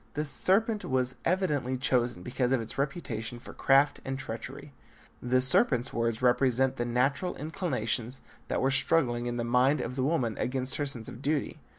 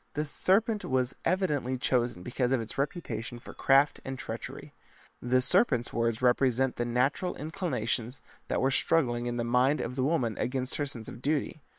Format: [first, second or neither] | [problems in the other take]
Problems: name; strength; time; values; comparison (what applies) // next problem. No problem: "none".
first | noise reduction (neural separator model SepFormer WHAM!)